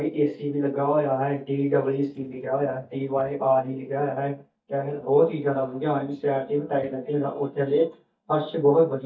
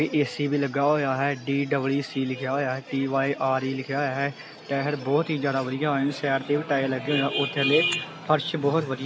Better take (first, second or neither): second